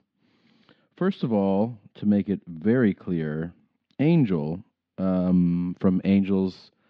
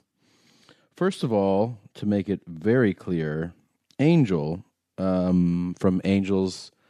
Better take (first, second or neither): second